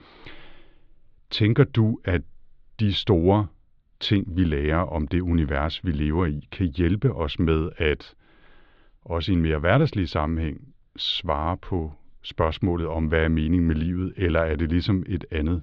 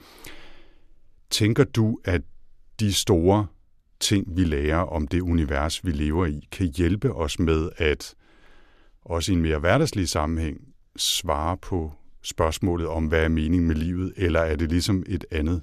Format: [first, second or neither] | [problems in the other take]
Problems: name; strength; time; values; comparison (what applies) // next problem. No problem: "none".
second | muffled; slightly; fading above 4 kHz